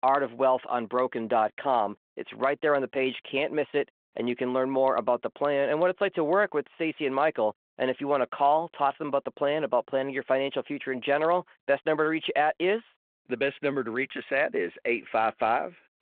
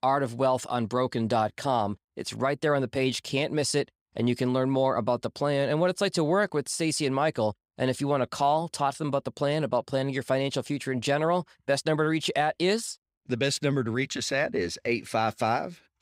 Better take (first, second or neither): second